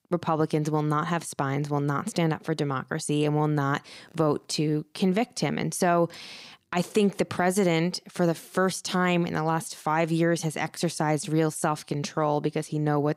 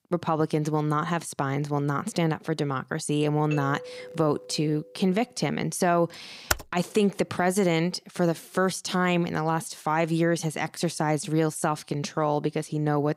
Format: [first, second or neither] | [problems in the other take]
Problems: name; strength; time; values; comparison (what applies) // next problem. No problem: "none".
first | doorbell; faint; from 3.5 to 5 s; peak 10 dB below the speech // keyboard typing; very faint; at 6.5 s; peak 2 dB below the speech